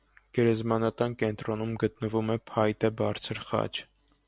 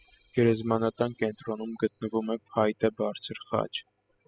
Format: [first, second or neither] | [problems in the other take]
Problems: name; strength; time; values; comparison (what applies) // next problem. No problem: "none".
first | noise reduction (classical method spectral subtraction)